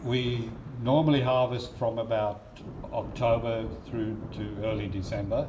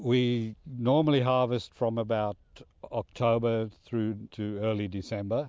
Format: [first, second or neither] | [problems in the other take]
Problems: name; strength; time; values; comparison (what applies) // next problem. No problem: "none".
second | background sound (Thunder / Rain); 12 dB below the speech // room echo; dies away in 0.6 s